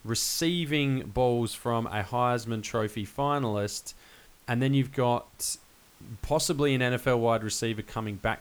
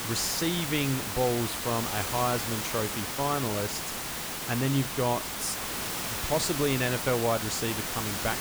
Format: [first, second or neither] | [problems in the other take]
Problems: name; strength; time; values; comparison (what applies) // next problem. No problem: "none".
first | hiss; loud; throughout; 2 dB below the speech; faint in the first